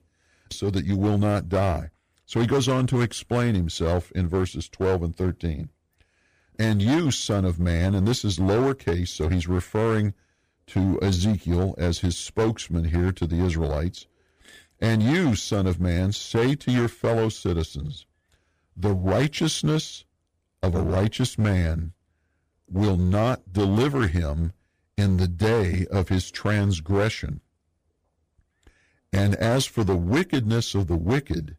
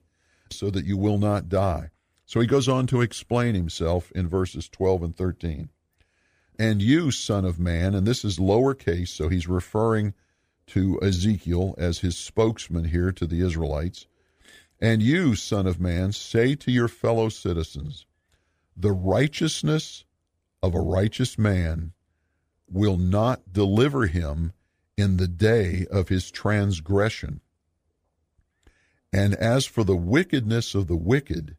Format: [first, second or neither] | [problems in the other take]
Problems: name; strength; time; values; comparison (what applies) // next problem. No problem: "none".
second | distortion; slight; 11% of the sound clipped